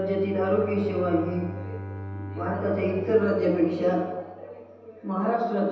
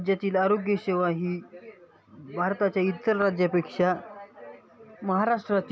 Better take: second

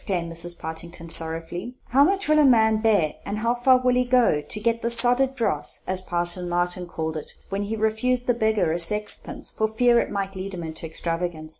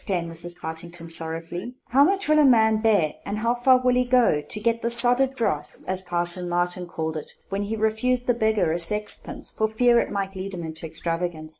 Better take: first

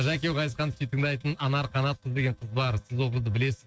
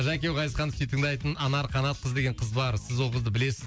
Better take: second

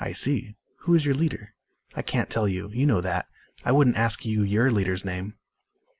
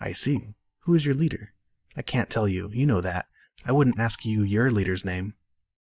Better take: first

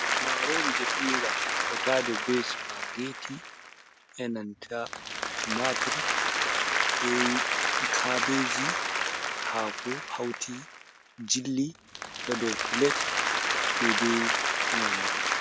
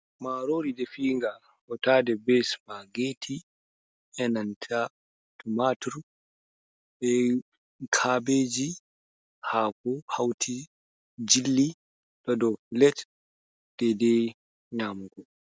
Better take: second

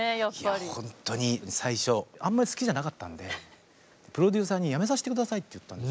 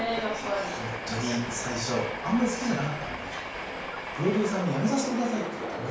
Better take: first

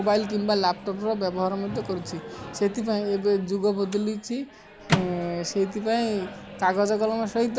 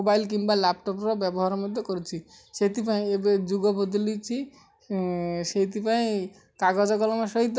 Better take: second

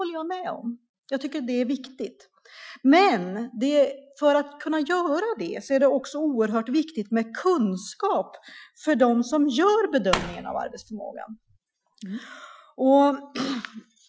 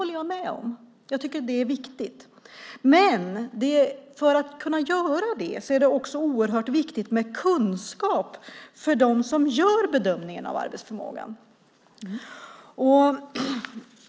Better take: second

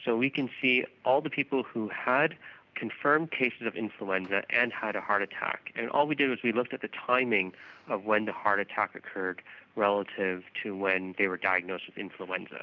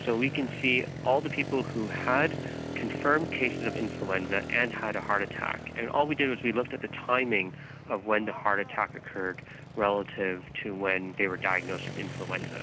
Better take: first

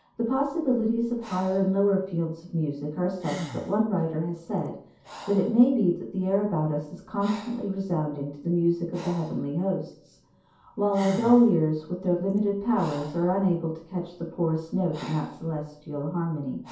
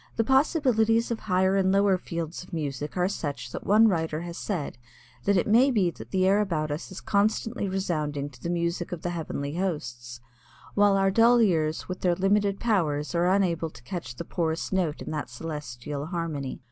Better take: second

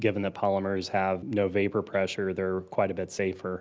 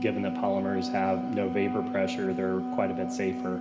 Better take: first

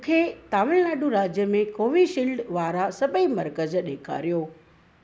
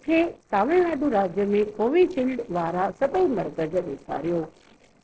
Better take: first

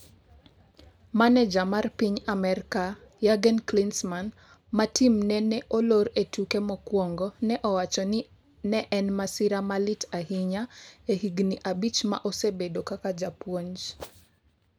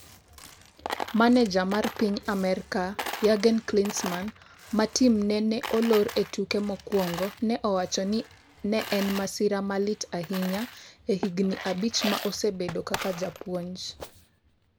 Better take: first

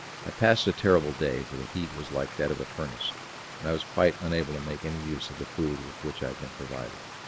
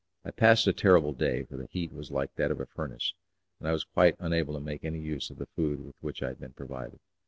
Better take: second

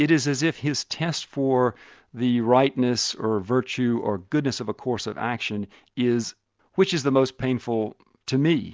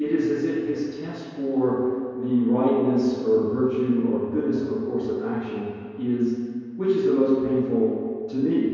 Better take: first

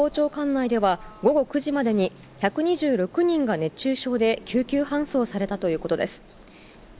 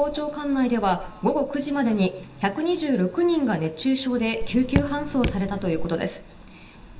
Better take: first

